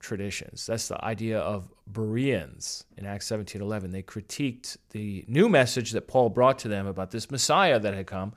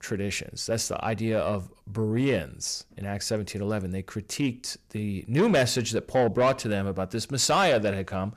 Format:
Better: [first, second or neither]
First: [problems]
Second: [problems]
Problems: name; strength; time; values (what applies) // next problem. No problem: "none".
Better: first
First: none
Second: distortion; slight; 10 dB below the speech